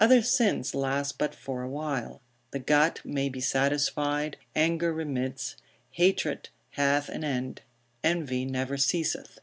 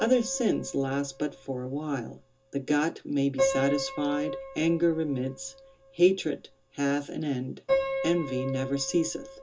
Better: first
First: none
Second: background sound (Piano); 7 dB below the speech // room echo; dies away in 0.2 s

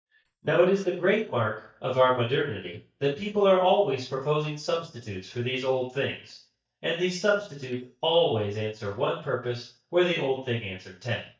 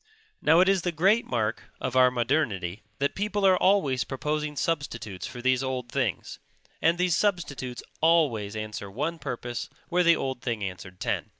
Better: second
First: noise reduction (neural mask model DeepFilterNet 3)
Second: none

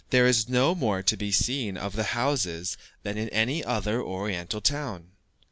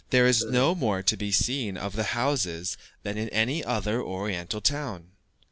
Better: first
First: none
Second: background sound (Burping, eructation); 11 dB below the speech

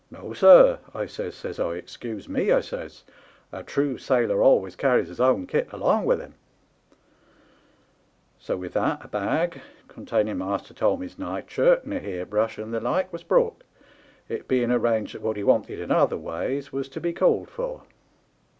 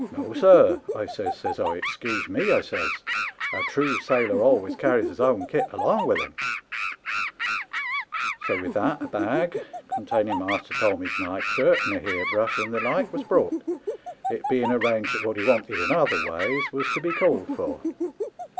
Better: first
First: none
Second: background sound (Animal); 4 dB below the speech

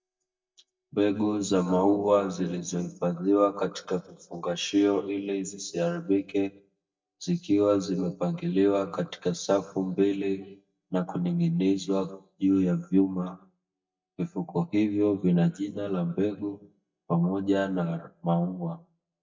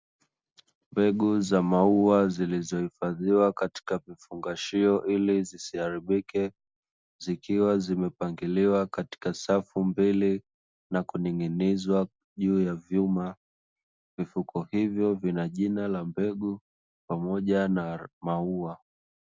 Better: second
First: noise reduction (neural mask model DeepFilterNet 3)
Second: none

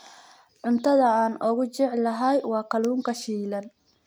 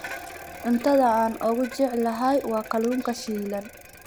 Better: first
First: none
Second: background sound (Bicycle); 16 dB below the speech

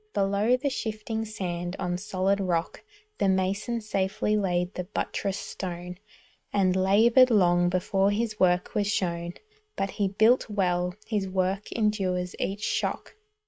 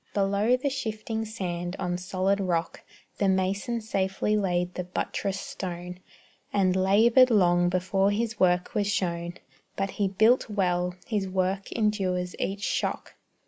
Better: second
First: noise reduction (neural mask model RNNoise)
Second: none

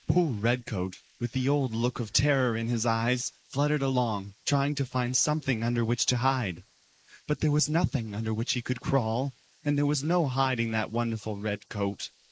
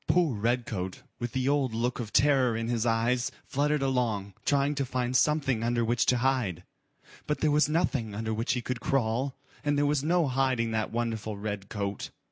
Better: second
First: noise reduction (neural mask model Resemble Enhance denoiser)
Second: none

